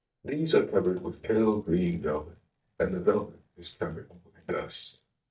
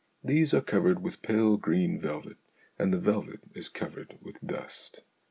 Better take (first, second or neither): second